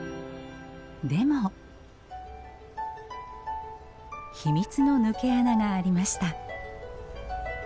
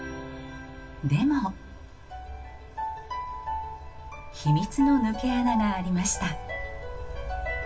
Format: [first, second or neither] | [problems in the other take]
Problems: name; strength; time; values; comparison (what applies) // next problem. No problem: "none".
first | room echo; dies away in 0.2 s